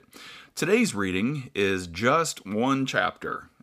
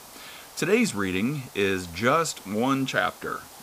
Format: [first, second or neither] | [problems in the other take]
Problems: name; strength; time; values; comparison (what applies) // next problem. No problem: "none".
first | hiss; noticeable; throughout; 20 dB below the speech